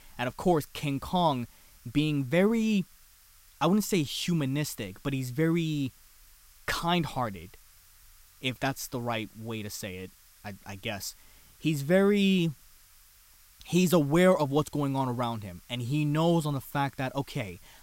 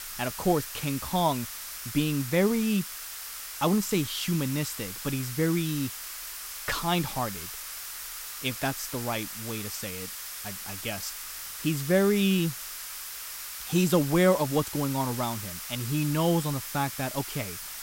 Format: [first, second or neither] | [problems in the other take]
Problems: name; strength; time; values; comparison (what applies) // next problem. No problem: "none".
first | hiss; loud; throughout; 7 dB below the speech; faint in the first